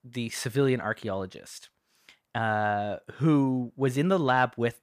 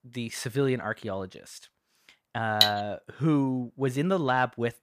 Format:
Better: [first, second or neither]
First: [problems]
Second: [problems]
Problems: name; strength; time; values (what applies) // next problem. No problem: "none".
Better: first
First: none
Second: clattering dishes; loud; at 2.5 s; peak 6 dB above the speech